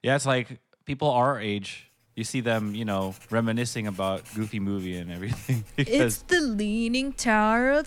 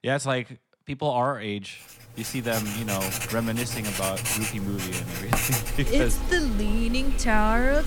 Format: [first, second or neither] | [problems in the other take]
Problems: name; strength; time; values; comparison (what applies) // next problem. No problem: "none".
first | household noises; loud; from 2.5 s on; 2 dB below the speech; faint in the first